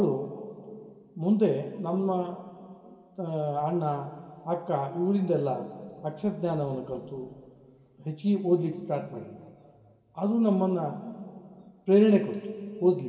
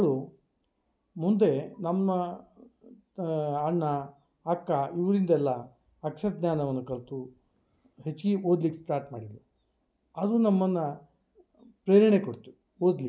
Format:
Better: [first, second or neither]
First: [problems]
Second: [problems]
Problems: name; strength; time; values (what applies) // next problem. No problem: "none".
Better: second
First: room echo; dies away in 2.2 s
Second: none